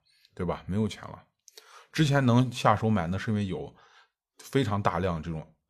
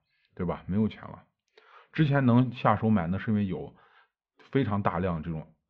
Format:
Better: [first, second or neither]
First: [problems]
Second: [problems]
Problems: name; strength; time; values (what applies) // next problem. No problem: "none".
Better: first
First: none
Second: muffled; very; fading above 3 kHz